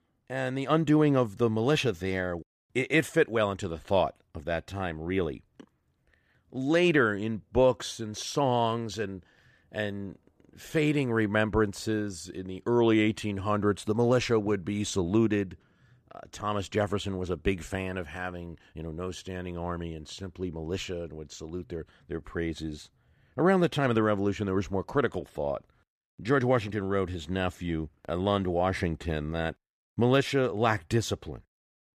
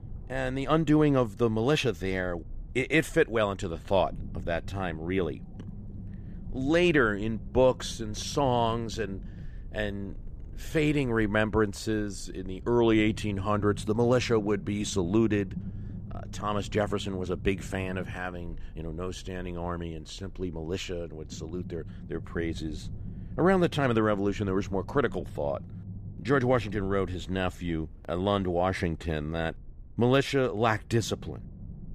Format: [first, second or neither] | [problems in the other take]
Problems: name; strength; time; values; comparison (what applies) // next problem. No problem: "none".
first | low rumble; faint; throughout; 25 dB below the speech